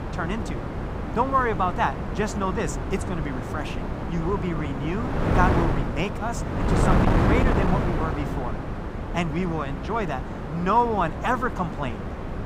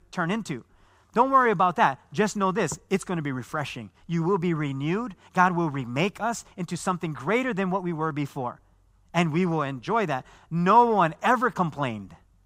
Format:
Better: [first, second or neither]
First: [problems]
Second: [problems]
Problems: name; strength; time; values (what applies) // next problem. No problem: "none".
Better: second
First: wind noise on the microphone; heavy; 4 dB below the speech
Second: none